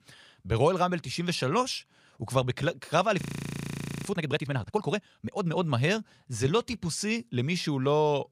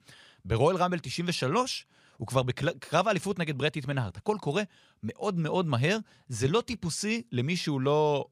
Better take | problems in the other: second | audio freezing; at 3 s for 1 s

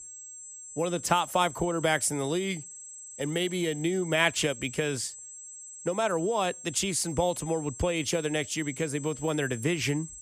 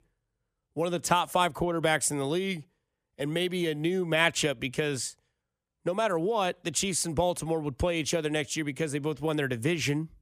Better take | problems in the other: second | high-pitched whine; noticeable; throughout; 7.5 kHz, 15 dB below the speech

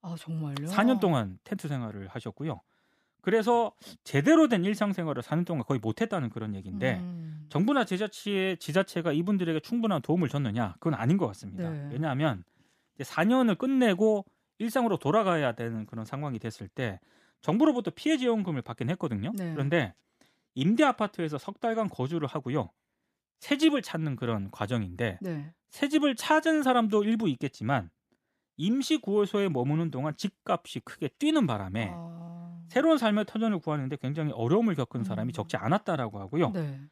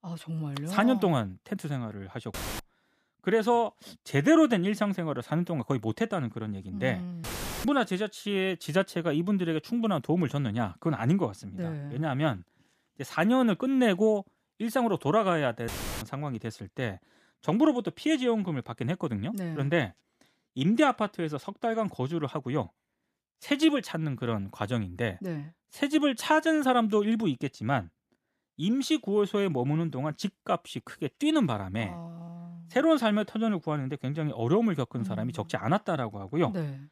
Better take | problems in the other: first | audio cutting out; filled with static; at 2.5 s, at 7 s and at 16 s

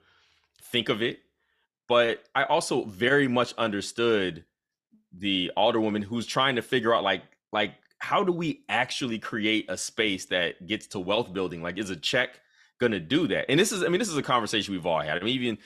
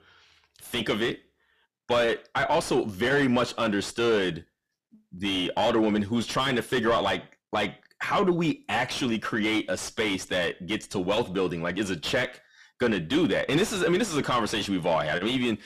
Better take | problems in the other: first | distortion; heavy; 7 dB below the speech

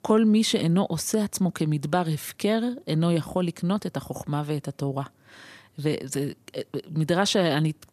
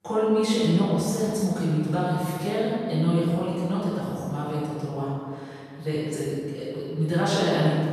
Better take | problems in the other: first | off-mic speech; far // room echo; strong; dies away in 2.2 s

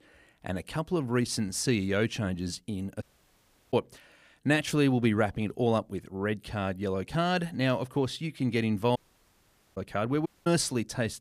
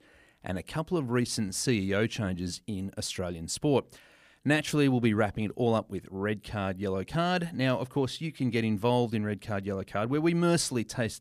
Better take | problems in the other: second | audio cutting out; at 3 s for 0.5 s, at 9 s for 1 s and at 10 s

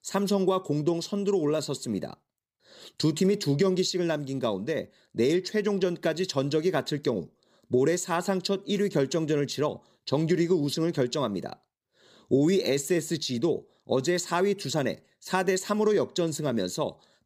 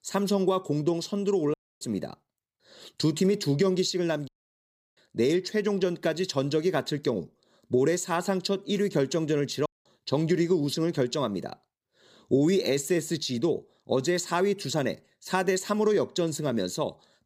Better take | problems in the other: first | audio cutting out; at 1.5 s, at 4.5 s for 0.5 s and at 9.5 s

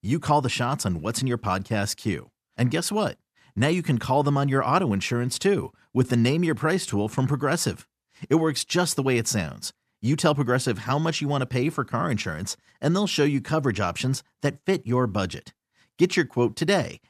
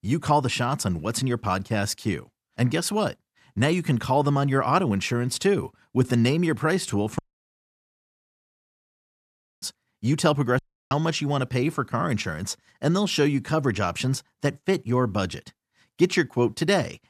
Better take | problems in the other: first | audio cutting out; at 7 s for 2.5 s and at 11 s

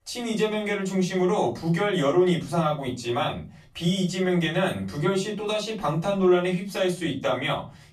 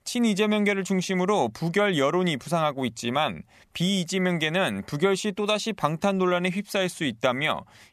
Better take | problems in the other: second | room echo; slight; dies away in 0.3 s // off-mic speech; far

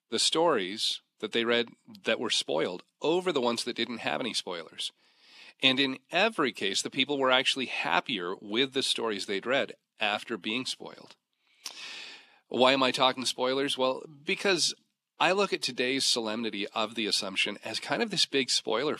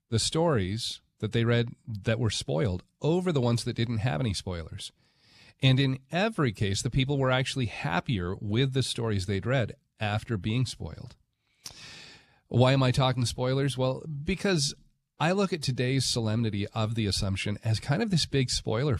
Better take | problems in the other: second | thin; somewhat; fading below 250 Hz

